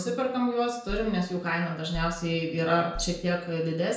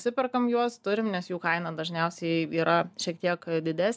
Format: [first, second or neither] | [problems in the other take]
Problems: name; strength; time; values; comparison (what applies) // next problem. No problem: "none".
second | background sound (Bass drum); 13 dB below the speech // room echo; dies away in 0.5 s